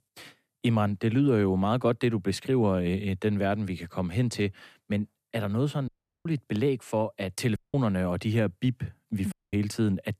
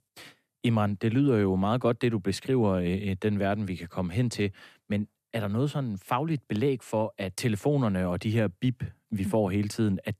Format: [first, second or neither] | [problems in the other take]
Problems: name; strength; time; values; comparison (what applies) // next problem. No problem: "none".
second | audio cutting out; at 6 s, at 7.5 s and at 9.5 s